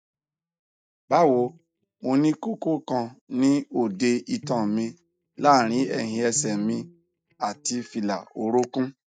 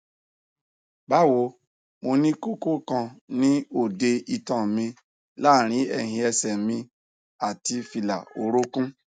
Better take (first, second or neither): second